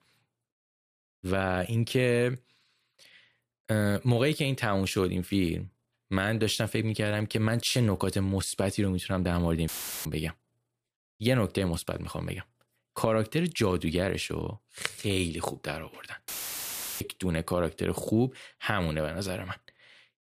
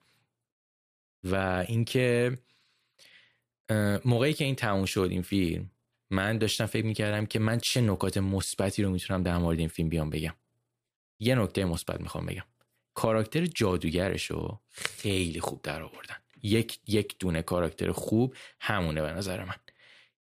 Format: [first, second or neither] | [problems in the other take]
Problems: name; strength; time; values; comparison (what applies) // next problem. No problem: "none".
second | audio cutting out; filled with static; at 9.5 s and at 16 s for 0.5 s